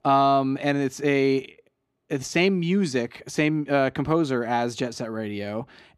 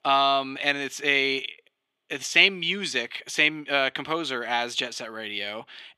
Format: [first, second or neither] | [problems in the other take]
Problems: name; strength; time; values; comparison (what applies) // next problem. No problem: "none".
first | thin; somewhat; fading below 1 kHz